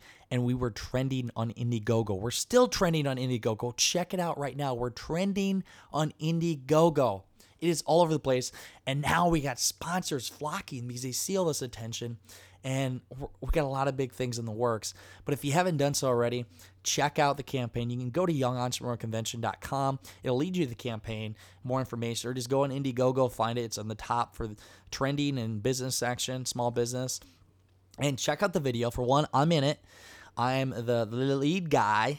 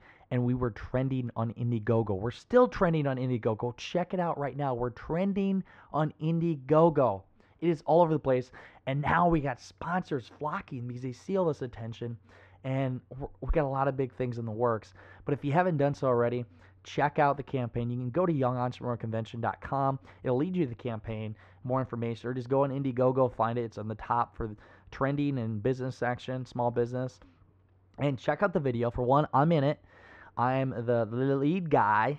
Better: first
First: none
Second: muffled; very; fading above 1.5 kHz

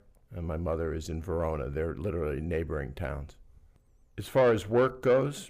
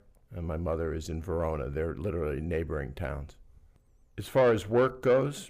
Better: neither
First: distortion; slight; 10 dB below the speech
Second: distortion; slight; 10 dB below the speech

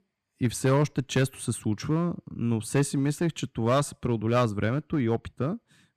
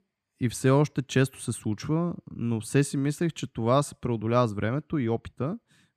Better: second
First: distortion; slight; 5% of the sound clipped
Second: none

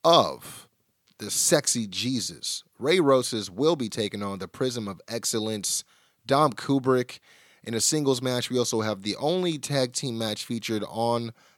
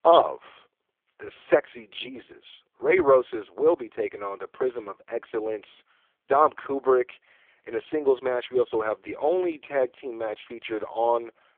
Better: first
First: none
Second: phone-call audio; poor line; nothing above 3.5 kHz

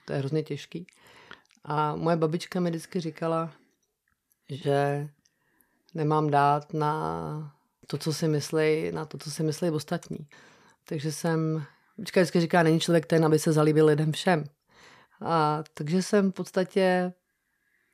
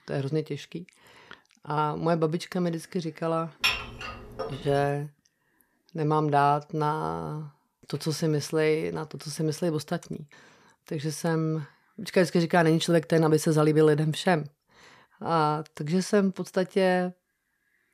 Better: first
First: none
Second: clattering dishes; loud; at 3.5 s; peak 1 dB above the speech

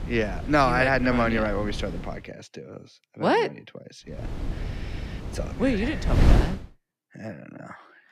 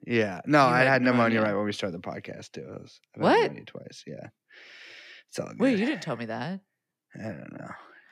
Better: second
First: wind noise on the microphone; occasional gusts; until 2 s and from 4 to 6.5 s; 15 dB below the speech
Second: none

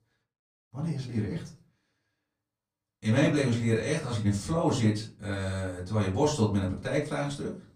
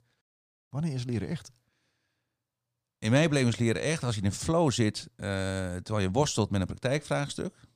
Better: second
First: off-mic speech; far // room echo; slight; dies away in 0.3 s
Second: none

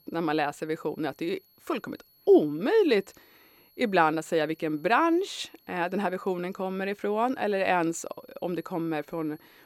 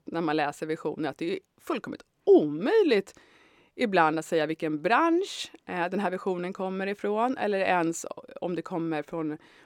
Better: second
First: high-pitched whine; faint; throughout; 11.5 kHz, 30 dB below the speech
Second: none

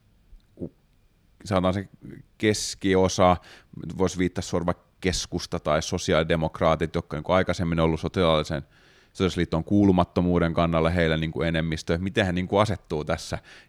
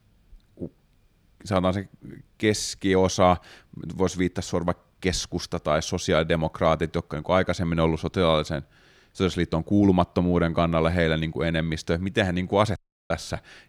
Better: first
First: none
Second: audio cutting out; at 13 s

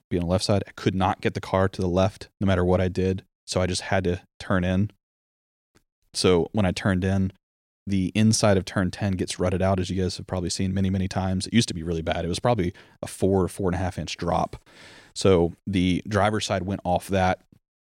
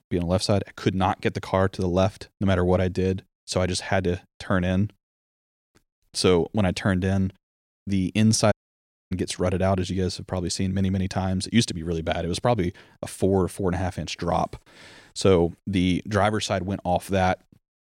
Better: first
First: none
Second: audio cutting out; at 8.5 s for 0.5 s

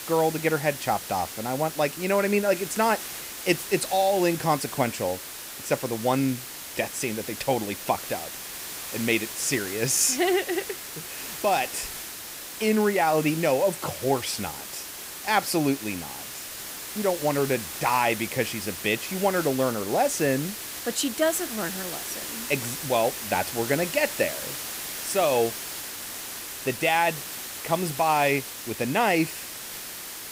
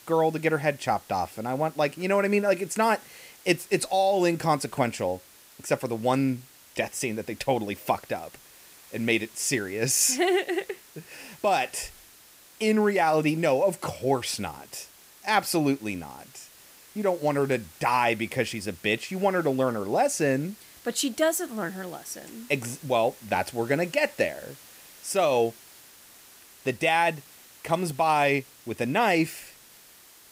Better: second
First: hiss; loud; throughout; 8 dB below the speech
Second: hiss; faint; throughout; 25 dB below the speech

